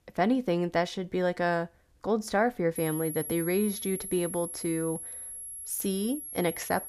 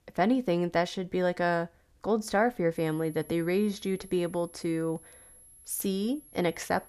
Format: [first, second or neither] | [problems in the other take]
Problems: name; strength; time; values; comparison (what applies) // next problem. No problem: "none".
second | high-pitched whine; loud; from 3 s on; 11.5 kHz, 7 dB below the speech; faint in the second